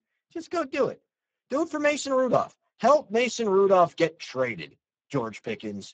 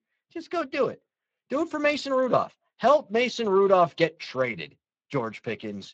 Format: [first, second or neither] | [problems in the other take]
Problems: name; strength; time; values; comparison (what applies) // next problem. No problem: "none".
second | garbled, watery; badly; nothing above 7.5 kHz; slightly in the second